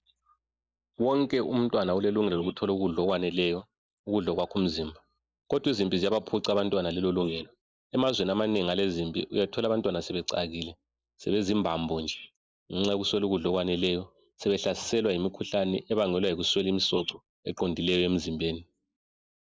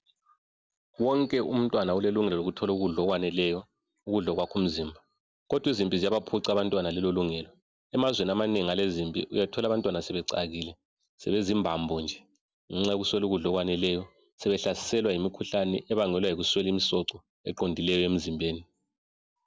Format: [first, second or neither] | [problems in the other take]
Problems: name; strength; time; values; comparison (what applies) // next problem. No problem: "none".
second | noise reduction (neural mask model Resemble Enhance denoiser)